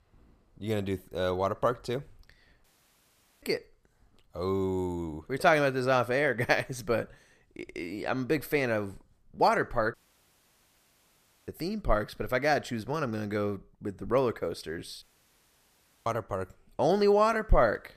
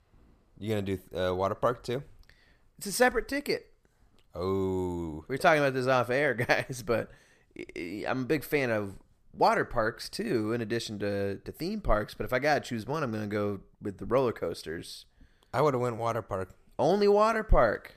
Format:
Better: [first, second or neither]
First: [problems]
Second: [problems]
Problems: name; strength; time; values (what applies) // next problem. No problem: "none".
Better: second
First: audio cutting out; at 2.5 s for 1 s, at 10 s for 1.5 s and at 15 s for 1 s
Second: none